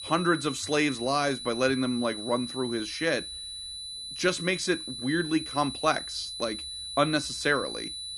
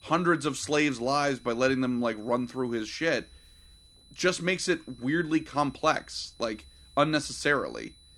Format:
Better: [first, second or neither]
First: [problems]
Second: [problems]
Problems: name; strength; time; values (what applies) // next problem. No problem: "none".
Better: second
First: high-pitched whine; loud; throughout; 4 kHz, 7 dB below the speech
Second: high-pitched whine; faint; throughout; 4 kHz, 30 dB below the speech